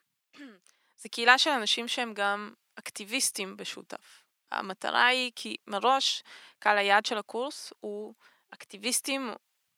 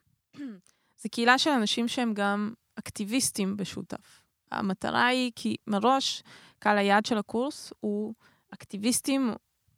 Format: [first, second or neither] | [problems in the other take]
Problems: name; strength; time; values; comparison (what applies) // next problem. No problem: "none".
second | thin; somewhat; fading below 450 Hz